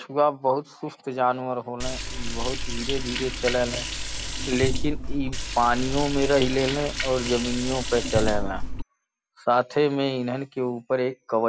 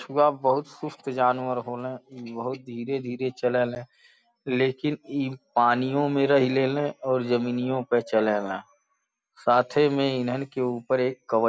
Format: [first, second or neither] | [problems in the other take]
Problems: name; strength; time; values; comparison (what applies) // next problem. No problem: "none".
second | background sound (Liquid); 2 dB below the speech